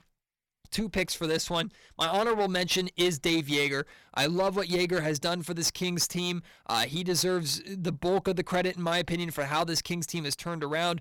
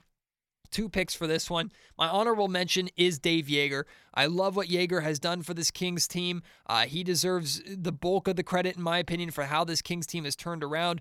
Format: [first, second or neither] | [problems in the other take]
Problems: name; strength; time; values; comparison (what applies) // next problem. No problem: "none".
second | distortion; slight; 7% of the sound clipped